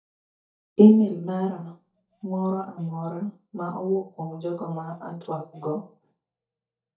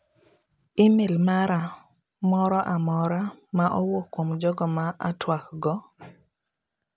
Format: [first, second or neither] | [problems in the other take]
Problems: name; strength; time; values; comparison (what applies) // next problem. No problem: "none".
second | noise reduction (neural mask model DeepFilterNet 3)